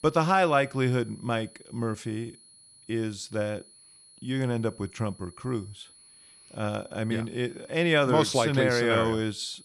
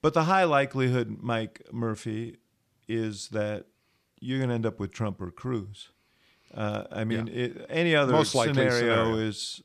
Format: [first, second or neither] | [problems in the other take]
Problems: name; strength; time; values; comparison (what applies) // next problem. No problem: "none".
second | high-pitched whine; faint; throughout; 10 kHz, 25 dB below the speech